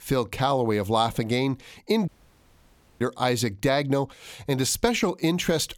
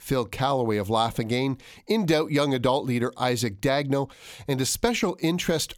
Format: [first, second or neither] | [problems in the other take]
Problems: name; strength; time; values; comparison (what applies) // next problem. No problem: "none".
second | audio cutting out; at 2 s for 1 s